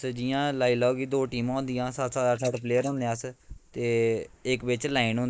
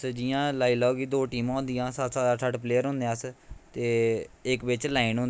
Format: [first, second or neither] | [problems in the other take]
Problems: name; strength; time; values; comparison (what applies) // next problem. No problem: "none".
second | noise reduction (neural mask model Resemble Enhance denoiser)